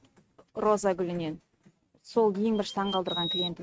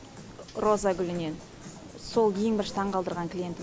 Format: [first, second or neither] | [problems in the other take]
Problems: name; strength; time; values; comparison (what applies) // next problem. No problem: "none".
second | noise reduction (neural mask model RNNoise)